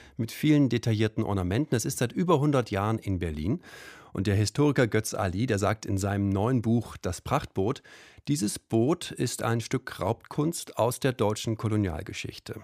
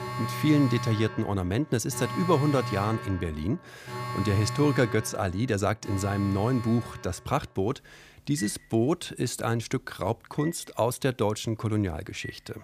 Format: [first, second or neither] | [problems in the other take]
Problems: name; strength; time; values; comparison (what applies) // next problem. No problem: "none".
first | alarms or sirens; loud; throughout; 9 dB below the speech